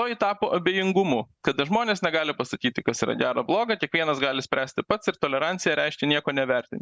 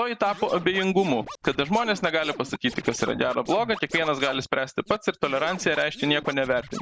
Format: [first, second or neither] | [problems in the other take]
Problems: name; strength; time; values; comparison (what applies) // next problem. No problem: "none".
first | background sound (Scratching (performance technique)); 15 dB below the speech